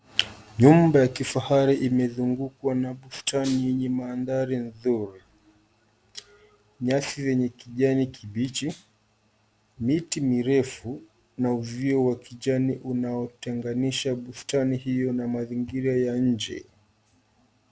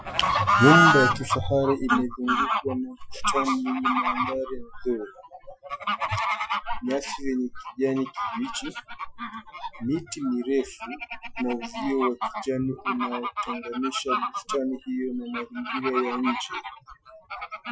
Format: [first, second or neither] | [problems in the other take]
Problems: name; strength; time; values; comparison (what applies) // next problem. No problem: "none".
first | noise reduction (classical method Wiener filter)